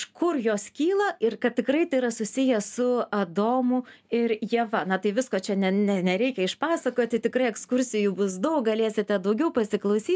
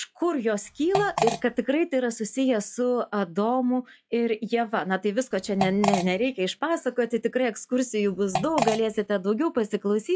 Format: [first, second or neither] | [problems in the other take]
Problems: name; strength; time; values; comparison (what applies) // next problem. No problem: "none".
first | noise reduction (classical method log-MMSE)